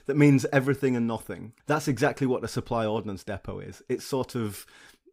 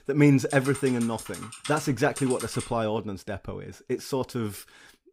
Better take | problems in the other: first | keyboard typing; noticeable; until 2.5 s; peak 9 dB below the speech

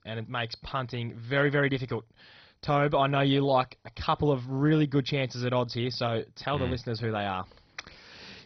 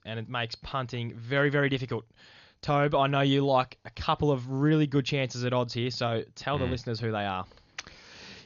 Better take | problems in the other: second | garbled, watery; badly; nothing above 5.5 kHz; slightly in the second

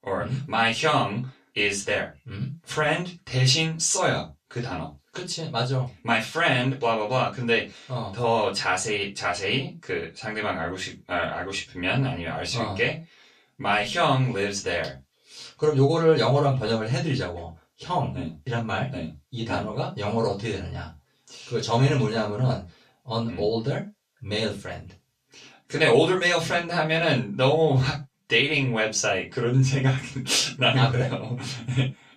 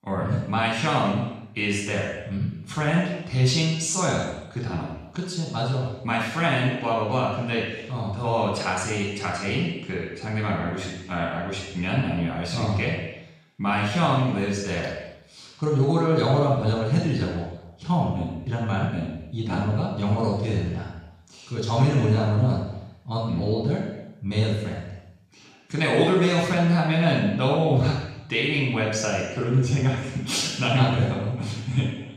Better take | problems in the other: first | room echo; strong; dies away in 0.9 s; slight in the first // off-mic speech; far; far in the first

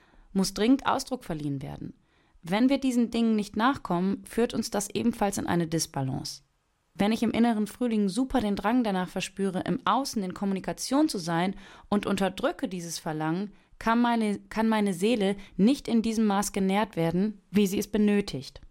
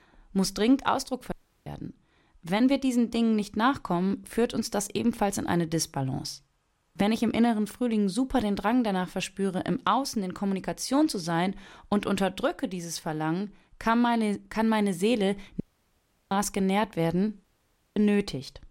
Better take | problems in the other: first | audio cutting out; at 1.5 s, at 16 s for 0.5 s and at 17 s for 0.5 s

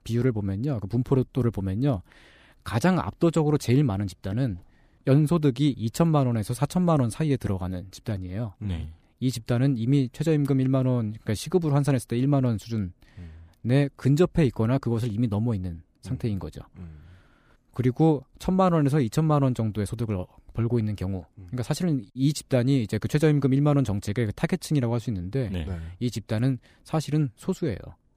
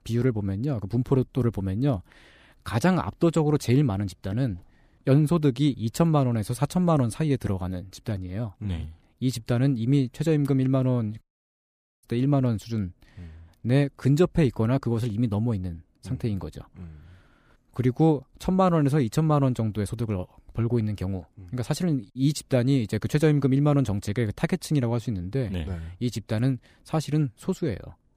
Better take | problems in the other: first | audio cutting out; at 11 s for 1 s

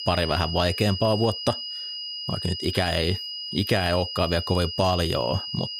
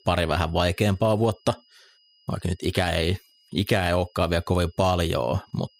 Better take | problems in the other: second | high-pitched whine; loud; throughout; 5 kHz, 6 dB below the speech; faint in the second

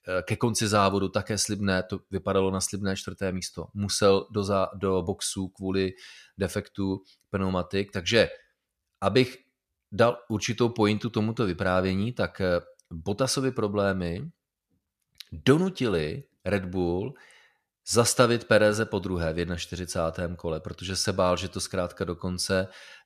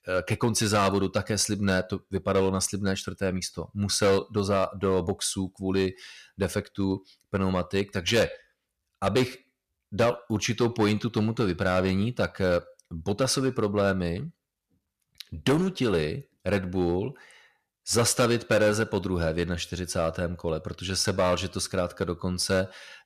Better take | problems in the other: first | distortion; slight; 4% of the sound clipped

